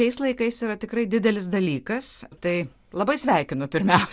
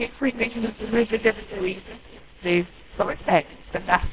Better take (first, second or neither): first